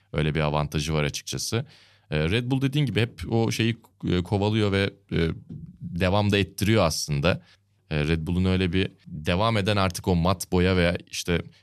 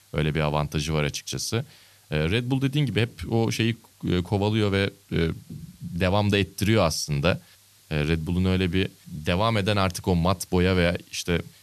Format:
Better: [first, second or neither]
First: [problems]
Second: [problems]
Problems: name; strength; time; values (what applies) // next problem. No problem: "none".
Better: first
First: none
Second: hiss; faint; throughout; 30 dB below the speech